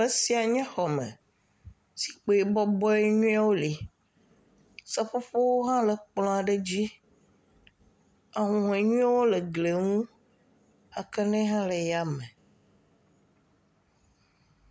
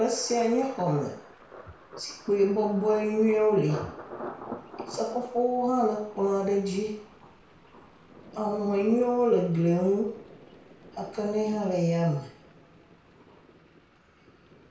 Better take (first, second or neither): first